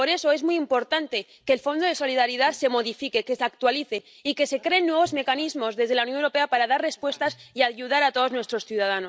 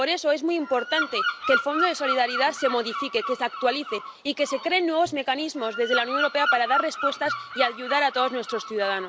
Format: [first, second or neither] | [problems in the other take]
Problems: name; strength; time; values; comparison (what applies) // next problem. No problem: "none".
first | background sound (Bird vocalization, bird call, bird song); 5 dB below the speech